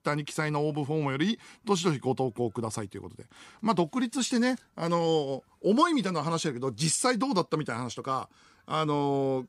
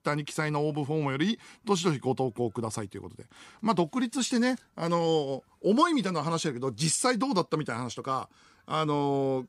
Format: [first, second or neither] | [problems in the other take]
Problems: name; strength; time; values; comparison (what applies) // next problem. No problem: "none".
neither | none